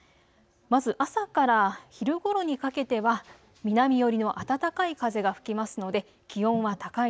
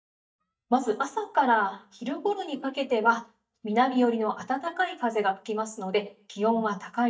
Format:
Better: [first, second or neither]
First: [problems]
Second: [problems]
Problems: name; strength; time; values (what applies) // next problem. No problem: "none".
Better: first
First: none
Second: noise reduction (neural mask model DeepFilterNet 3)